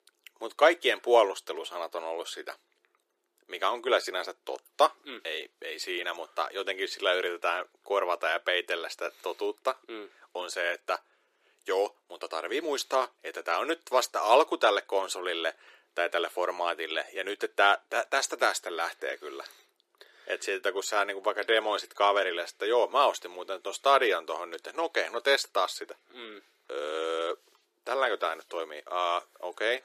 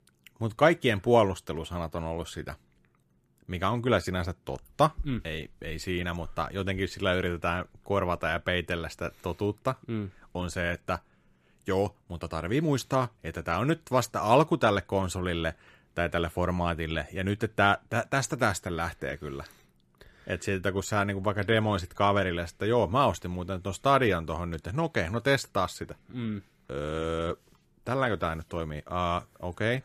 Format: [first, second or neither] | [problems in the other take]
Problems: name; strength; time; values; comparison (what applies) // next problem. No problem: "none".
second | thin; very; fading below 350 Hz